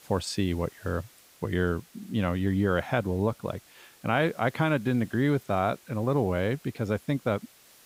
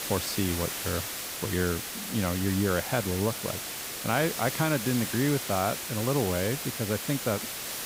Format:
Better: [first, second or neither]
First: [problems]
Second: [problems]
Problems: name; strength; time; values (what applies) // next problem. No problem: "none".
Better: first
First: hiss; faint; throughout; 25 dB below the speech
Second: hiss; loud; throughout; 3 dB below the speech